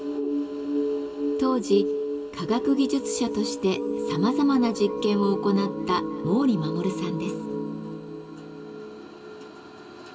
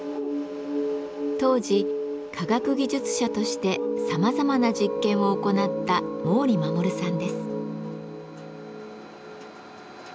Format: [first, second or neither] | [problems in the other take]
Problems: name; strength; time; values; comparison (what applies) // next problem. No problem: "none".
second | room echo; dies away in 2.5 s